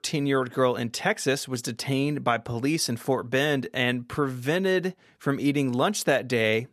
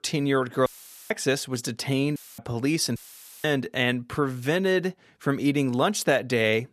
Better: first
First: none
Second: audio cutting out; filled with static; at 0.5 s, at 2 s and at 3 s

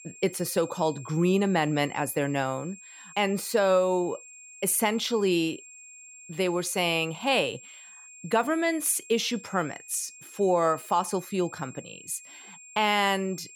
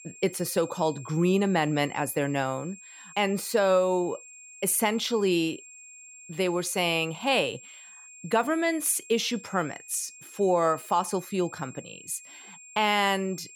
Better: neither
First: high-pitched whine; noticeable; throughout; 7.5 kHz, 20 dB below the speech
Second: high-pitched whine; noticeable; throughout; 7.5 kHz, 20 dB below the speech

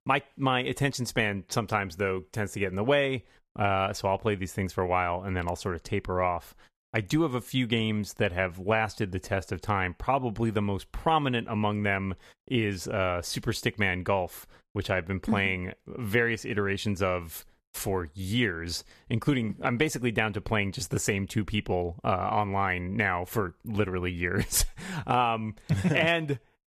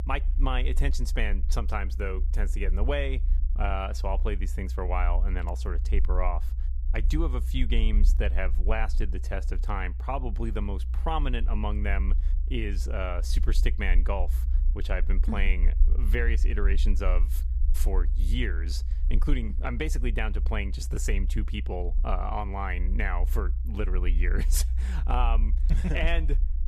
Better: first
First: none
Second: low rumble; noticeable; throughout; 15 dB below the speech

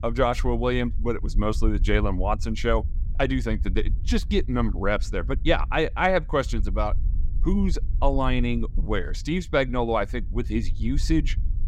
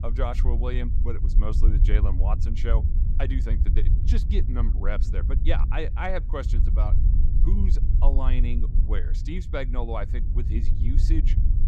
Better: first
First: low rumble; faint; throughout; 25 dB below the speech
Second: low rumble; loud; throughout; 8 dB below the speech

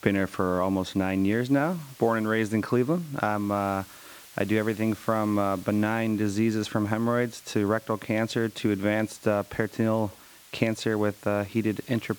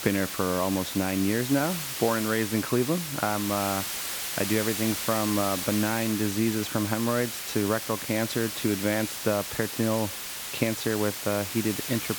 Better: first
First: hiss; faint; throughout; 20 dB below the speech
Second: hiss; loud; throughout; 4 dB below the speech

